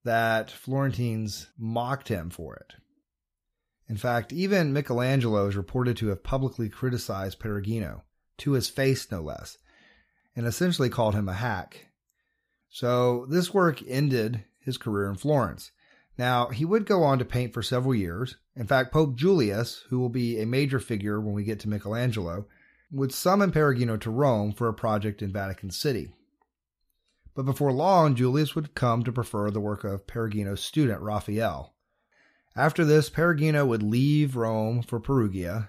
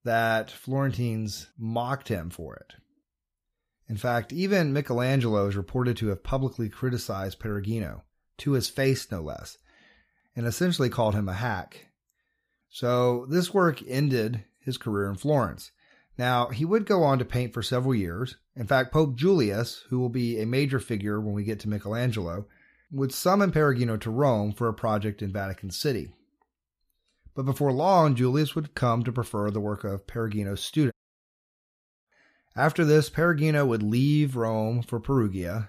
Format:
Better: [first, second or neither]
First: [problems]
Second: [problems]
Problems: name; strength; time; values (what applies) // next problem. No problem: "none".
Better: first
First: none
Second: audio cutting out; at 31 s for 1 s